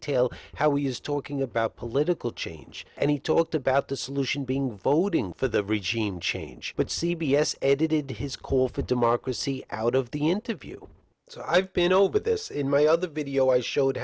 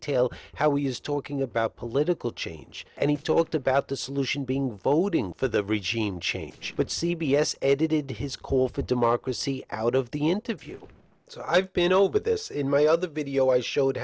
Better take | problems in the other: first | noise reduction (neural separator model SepFormer DNS4)

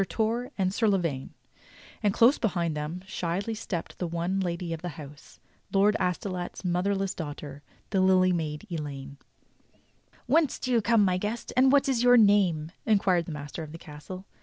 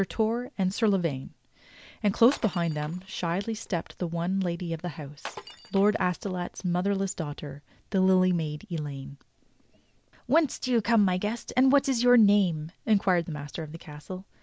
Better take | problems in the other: first | background sound (Glass); 19 dB below the speech

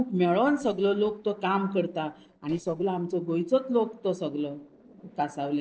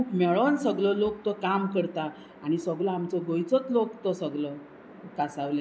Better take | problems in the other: second | noise reduction (neural separator model SepFormer DNS4)

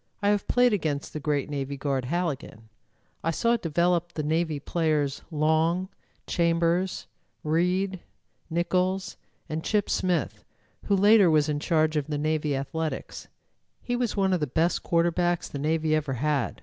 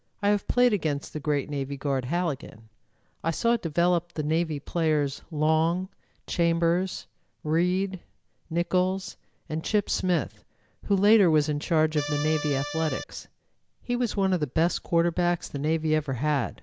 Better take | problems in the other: first | background sound (Accordion); 8 dB below the speech

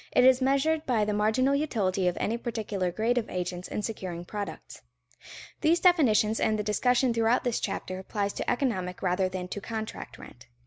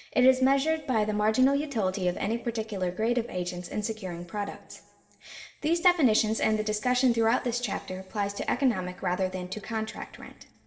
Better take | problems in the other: first | room echo; dies away in 2.6 s

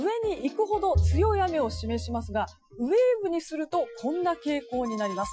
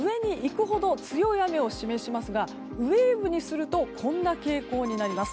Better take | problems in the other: second | noise reduction (classical method Wiener filter)

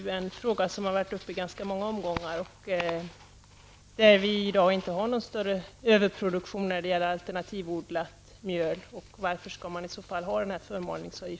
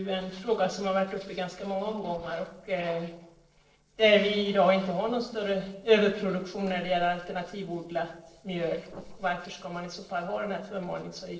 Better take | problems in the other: first | noise reduction (neural separator model SepFormer DNS4)

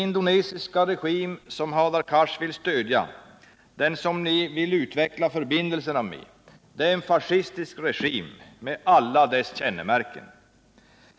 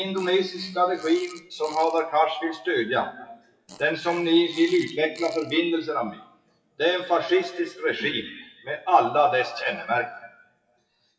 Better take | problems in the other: first | noise reduction (classical method WPE with log-MMSE)

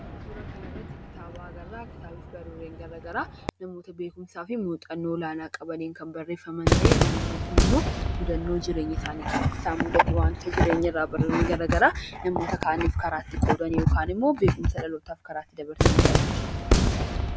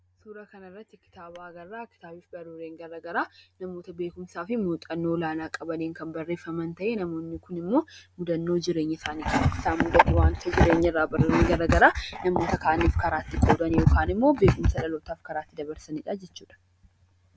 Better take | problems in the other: second | background sound (Cheering / Fireworks); 1 dB below the speech

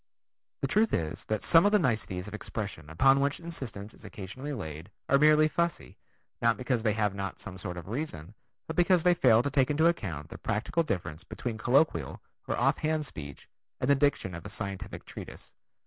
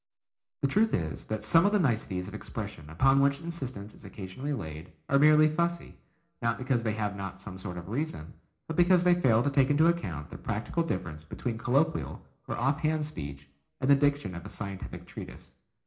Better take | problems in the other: first | room echo; dies away in 0.4 s

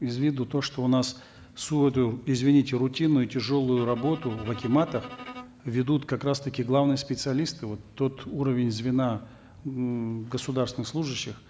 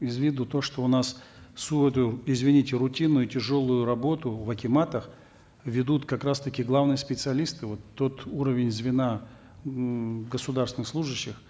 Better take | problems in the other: second | background sound (Bowed string instrument); 17 dB below the speech

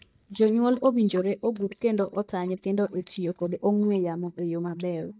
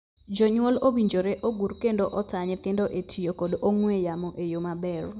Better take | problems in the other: second | noise reduction (neural mask model DeepFilterNet 3)

